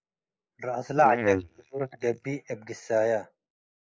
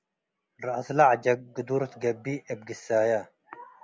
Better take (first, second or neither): second